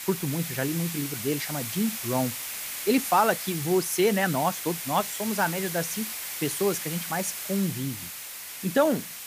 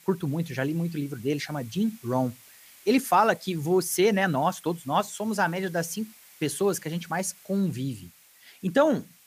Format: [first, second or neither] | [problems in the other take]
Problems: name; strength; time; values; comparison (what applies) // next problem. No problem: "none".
second | hiss; loud; throughout; 5 dB below the speech; faint in the second